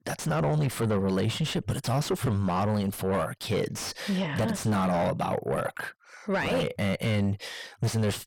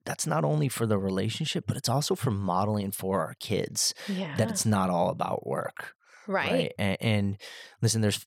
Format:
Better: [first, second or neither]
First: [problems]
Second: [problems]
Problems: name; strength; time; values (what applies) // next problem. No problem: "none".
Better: second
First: distortion; heavy; 7 dB below the speech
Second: none